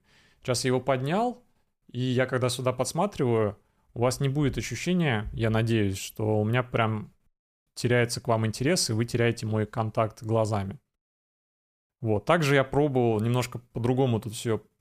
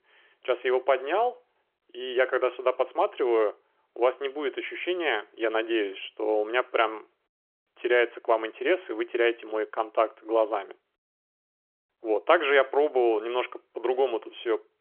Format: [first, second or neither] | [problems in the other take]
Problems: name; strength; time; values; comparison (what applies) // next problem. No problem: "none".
first | phone-call audio; nothing above 3.5 kHz